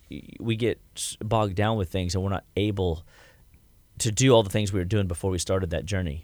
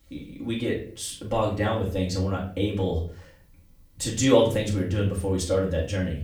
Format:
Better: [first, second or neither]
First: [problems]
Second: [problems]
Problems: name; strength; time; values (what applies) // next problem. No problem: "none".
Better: first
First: none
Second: off-mic speech; far // room echo; slight; dies away in 0.4 s